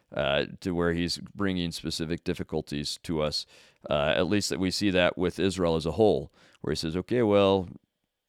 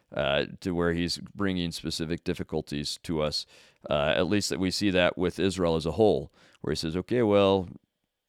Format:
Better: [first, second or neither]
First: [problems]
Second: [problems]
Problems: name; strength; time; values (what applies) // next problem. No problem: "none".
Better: neither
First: none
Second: none